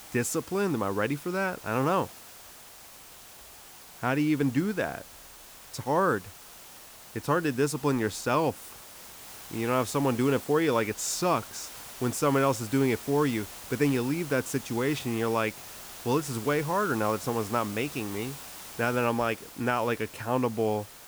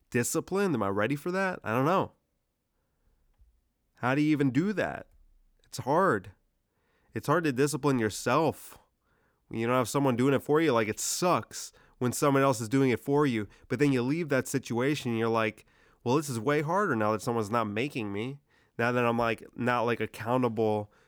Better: second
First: hiss; noticeable; throughout; 15 dB below the speech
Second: none

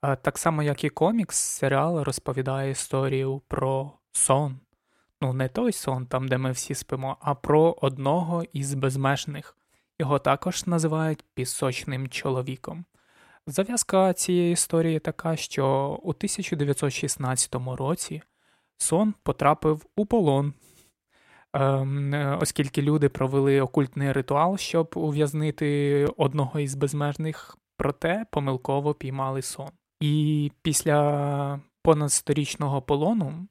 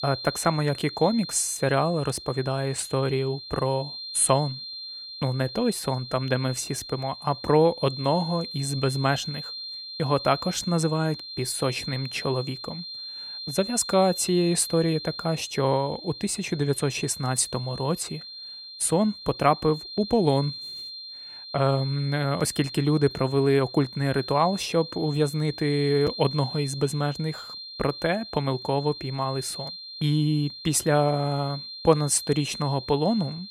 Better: first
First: none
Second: high-pitched whine; noticeable; throughout; 4 kHz, 10 dB below the speech

